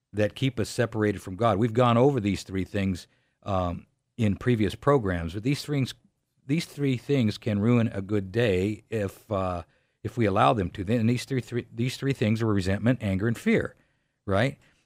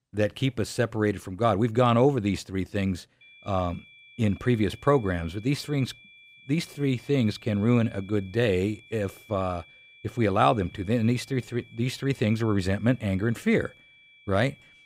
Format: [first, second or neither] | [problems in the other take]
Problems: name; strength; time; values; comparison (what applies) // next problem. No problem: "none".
first | high-pitched whine; faint; from 3 s on; 2.5 kHz, 25 dB below the speech